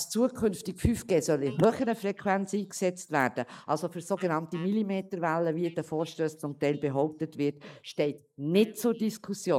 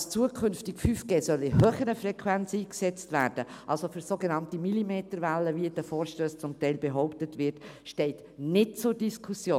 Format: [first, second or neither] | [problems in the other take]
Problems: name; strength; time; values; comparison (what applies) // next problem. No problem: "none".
second | noise reduction (neural mask model Resemble Enhance denoiser)